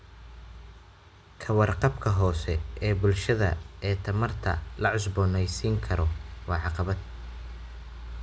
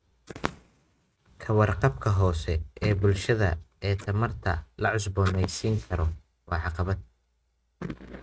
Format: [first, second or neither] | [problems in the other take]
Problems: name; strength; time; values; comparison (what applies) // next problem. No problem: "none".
first | noise reduction (neural mask model RNNoise)